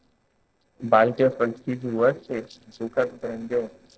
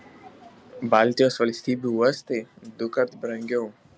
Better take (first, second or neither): second